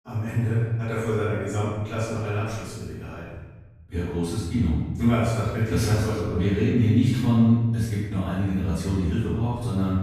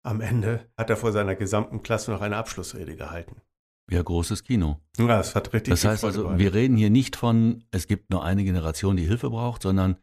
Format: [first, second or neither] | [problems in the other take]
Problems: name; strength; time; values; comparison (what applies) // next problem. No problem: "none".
second | off-mic speech; far // room echo; strong; dies away in 1.2 s